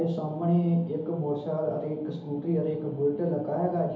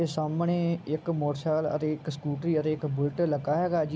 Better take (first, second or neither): second